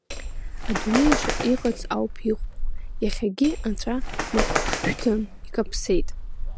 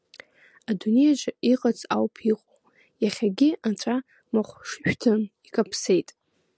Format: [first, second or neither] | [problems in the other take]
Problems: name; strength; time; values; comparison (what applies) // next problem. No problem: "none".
second | background sound (Hammer + Bird); as loud as the speech